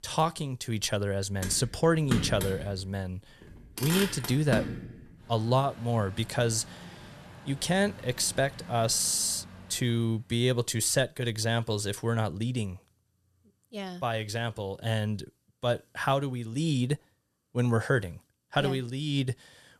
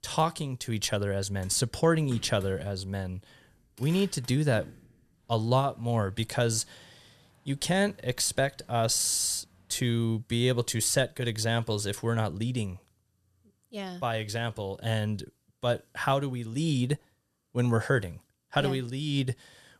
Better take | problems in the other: second | traffic noise; loud; until 10 s; 9 dB below the speech; faint in the second

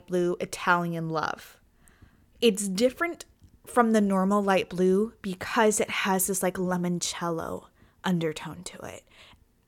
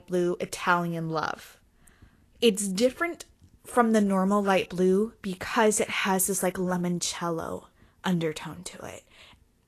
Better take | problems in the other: first | garbled, watery; slightly; nothing above 12.5 kHz

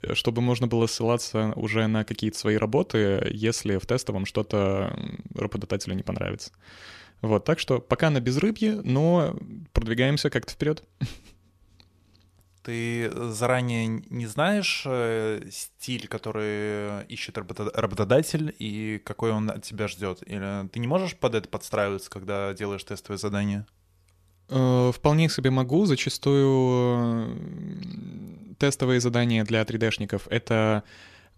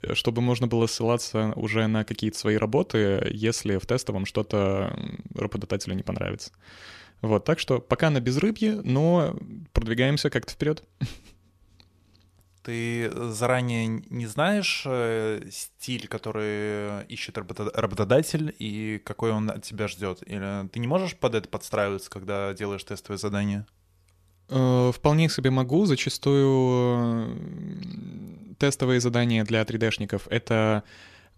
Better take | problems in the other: neither | none

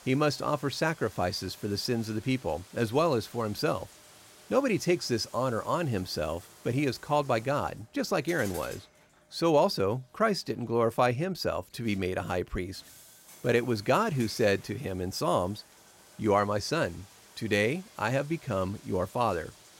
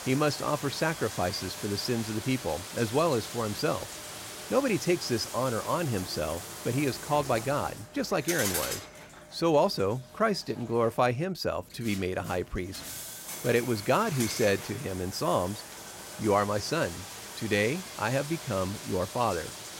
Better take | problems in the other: first | household noises; loud; throughout; 9 dB below the speech; faint in the first

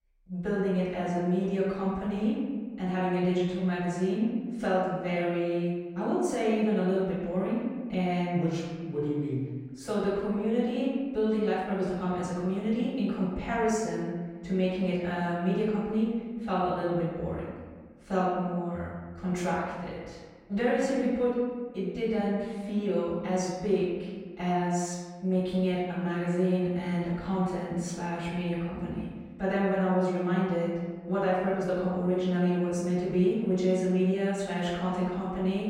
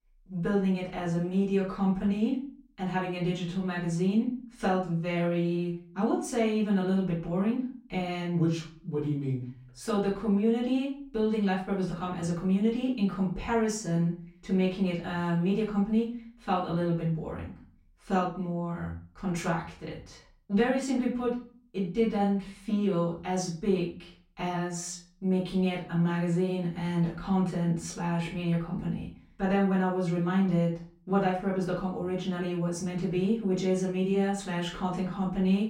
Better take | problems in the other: second | room echo; strong; dies away in 1.4 s; slight in the second // off-mic speech; far; far in the second

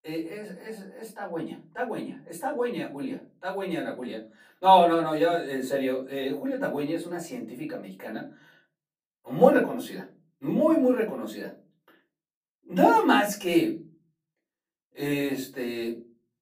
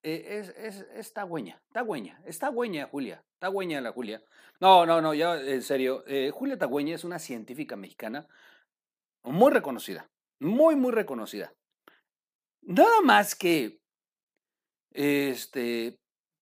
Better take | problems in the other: second | room echo; very slight; dies away in 0.4 s // off-mic speech; far

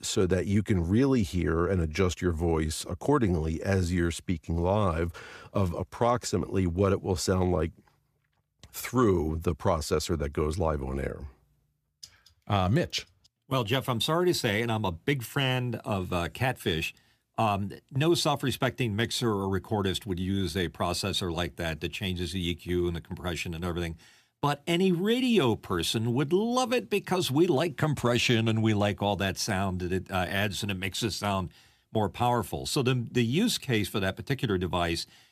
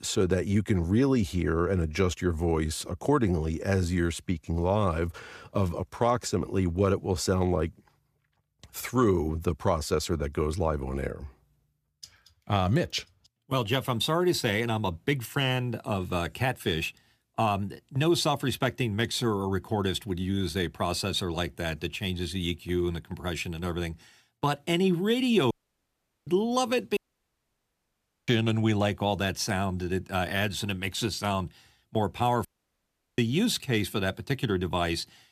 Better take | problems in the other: first | audio cutting out; at 26 s for 1 s, at 27 s for 1.5 s and at 32 s for 0.5 s

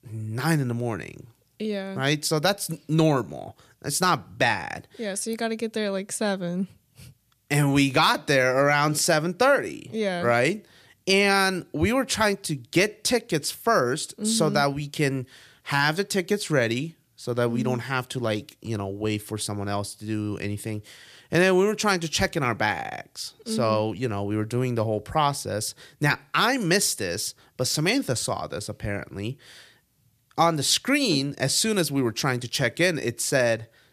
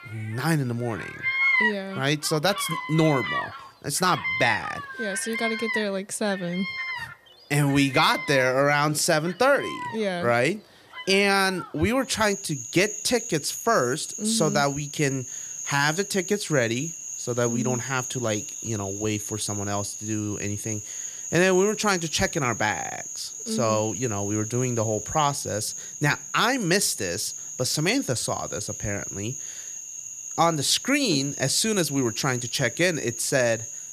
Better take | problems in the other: first | animal sounds; loud; throughout; 7 dB below the speech

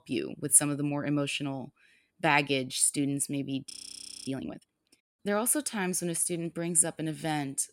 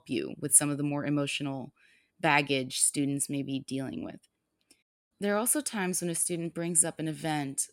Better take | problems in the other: second | audio freezing; at 3.5 s for 0.5 s

